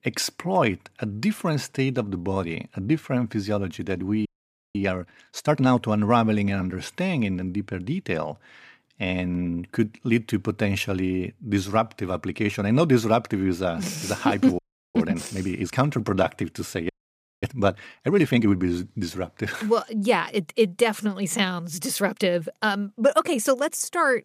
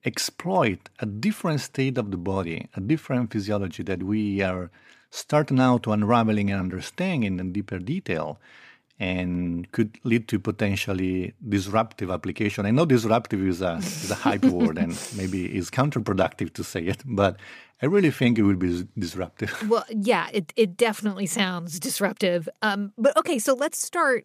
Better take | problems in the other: second | audio freezing; at 4.5 s for 0.5 s, at 15 s and at 17 s for 0.5 s

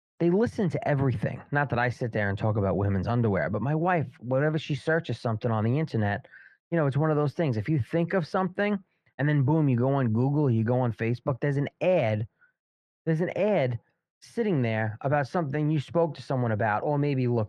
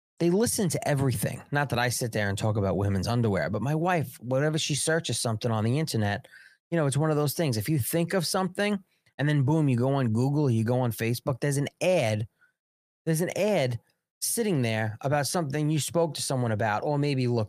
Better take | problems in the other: second | muffled; very; fading above 2 kHz

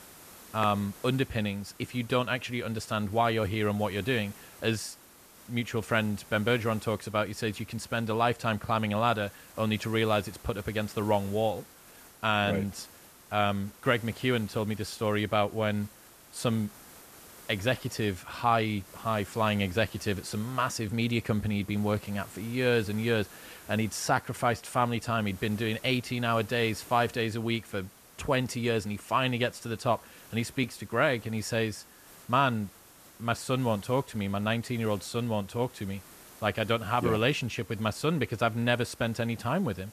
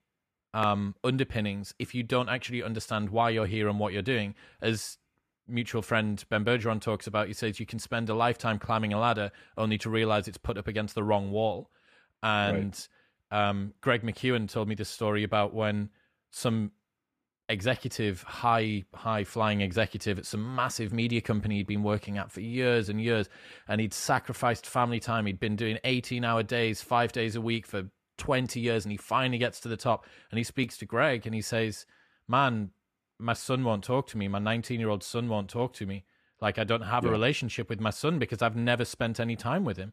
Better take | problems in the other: second | hiss; faint; throughout; 20 dB below the speech

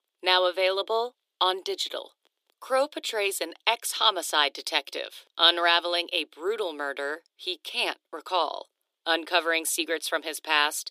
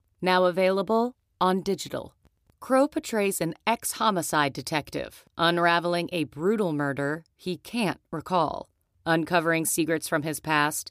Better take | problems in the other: second | thin; very; fading below 350 Hz

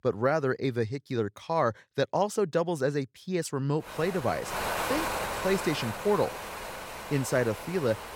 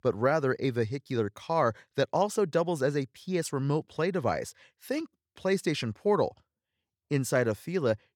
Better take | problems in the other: second | wind noise on the microphone; heavy; from 4 s on; 3 dB below the speech

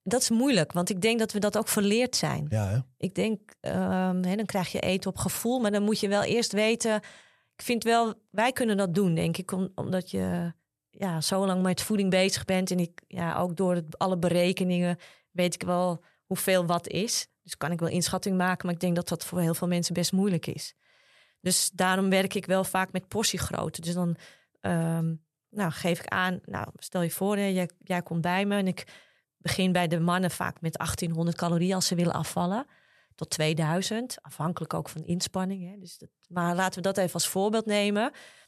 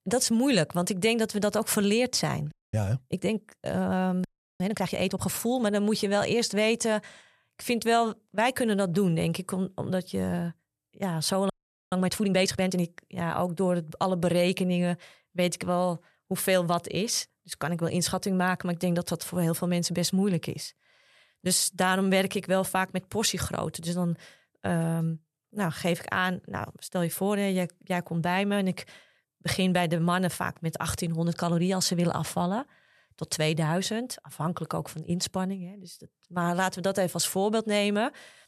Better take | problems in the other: first | audio freezing; at 2.5 s, at 4.5 s and at 12 s

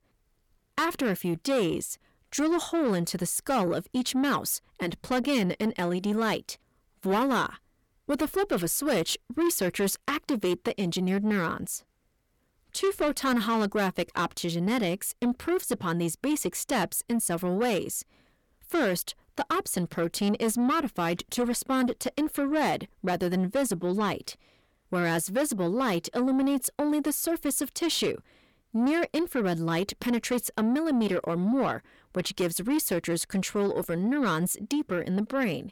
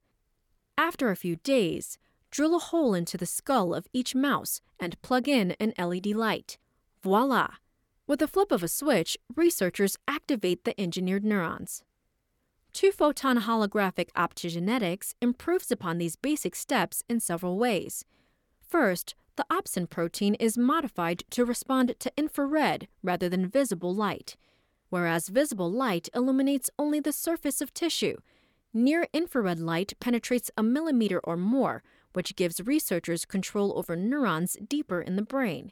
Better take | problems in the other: second | distortion; slight; 10 dB below the speech

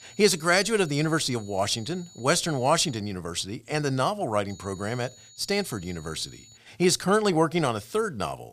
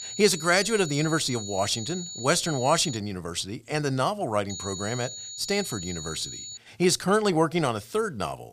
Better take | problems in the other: first | high-pitched whine; loud; until 3 s and from 4.5 to 6.5 s; 7 kHz, 9 dB below the speech; faint in the first

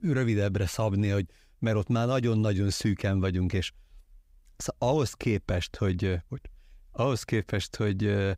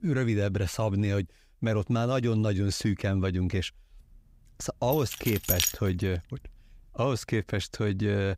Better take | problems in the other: first | jangling keys; loud; at 5 s; peak 3 dB above the speech

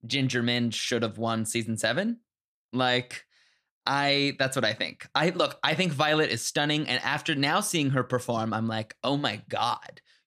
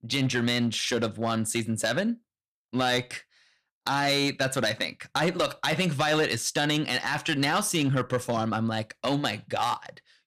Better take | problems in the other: first | distortion; slight; 5% of the sound clipped

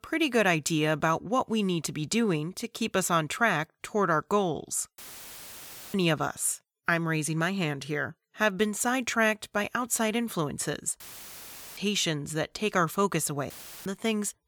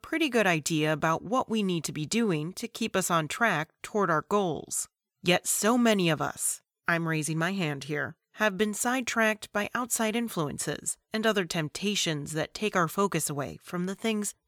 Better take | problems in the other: second | audio cutting out; filled with static; at 5 s for 1 s, at 11 s for 1 s and at 14 s

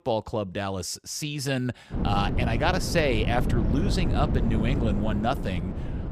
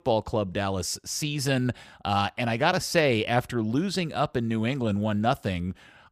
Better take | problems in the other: second | wind noise on the microphone; heavy; from 2 s on; 8 dB below the speech

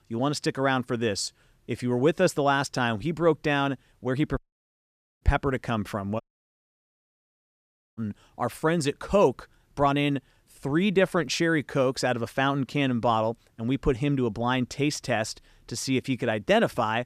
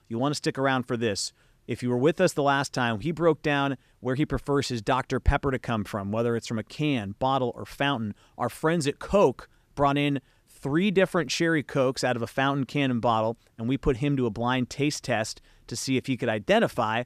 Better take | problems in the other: second | audio cutting out; at 4.5 s for 1 s and at 6 s for 2 s

